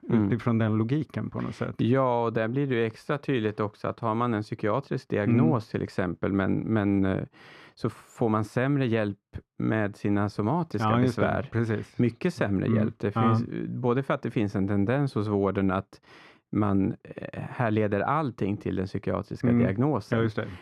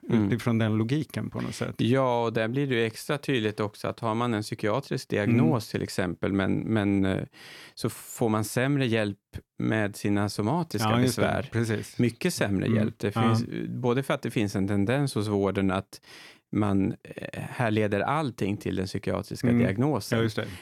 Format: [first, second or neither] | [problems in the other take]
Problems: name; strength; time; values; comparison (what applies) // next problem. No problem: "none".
second | muffled; slightly; fading above 1.5 kHz